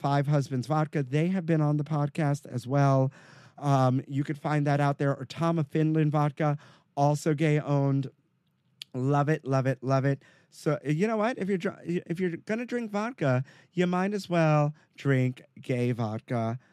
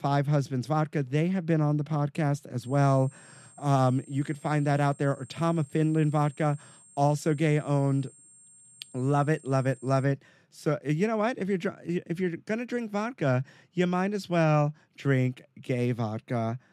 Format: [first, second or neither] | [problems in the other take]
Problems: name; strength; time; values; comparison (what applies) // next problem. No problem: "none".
first | high-pitched whine; faint; from 2.5 to 10 s; 8.5 kHz, 25 dB below the speech